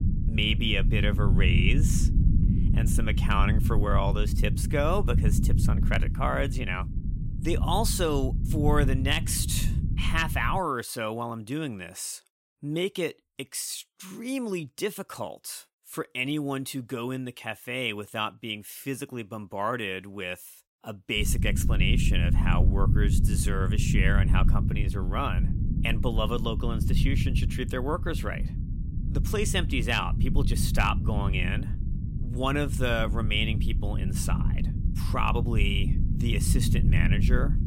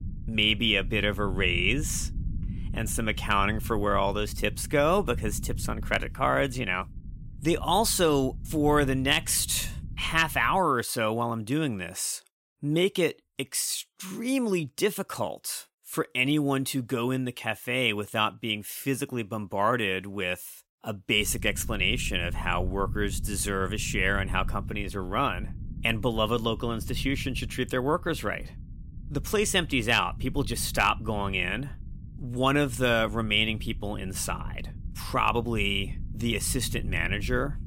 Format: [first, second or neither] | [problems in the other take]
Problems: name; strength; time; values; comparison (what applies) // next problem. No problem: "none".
second | low rumble; loud; until 11 s and from 21 s on; 9 dB below the speech; faint in the second